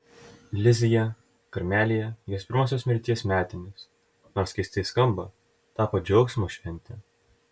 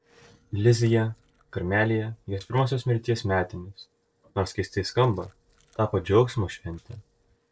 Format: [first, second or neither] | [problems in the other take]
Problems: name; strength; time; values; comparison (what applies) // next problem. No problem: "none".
first | noise reduction (neural separator model SepFormer DNS4)